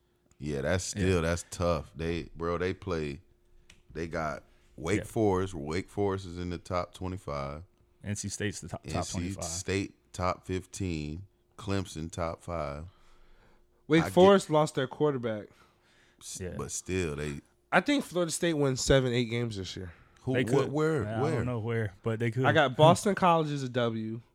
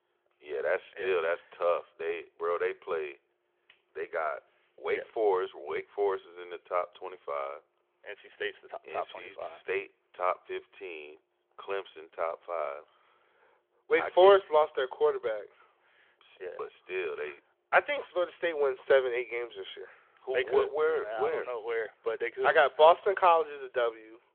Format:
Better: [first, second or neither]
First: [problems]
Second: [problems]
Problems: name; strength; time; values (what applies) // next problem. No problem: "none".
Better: first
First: none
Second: phone-call audio